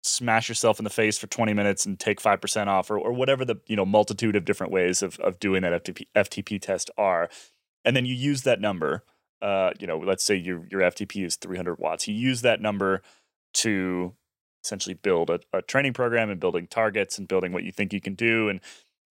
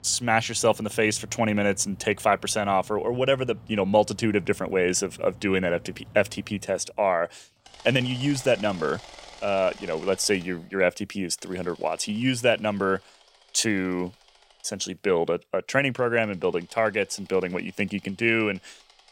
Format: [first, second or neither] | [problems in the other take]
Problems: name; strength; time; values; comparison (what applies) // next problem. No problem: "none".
first | machinery noise; faint; throughout; 25 dB below the speech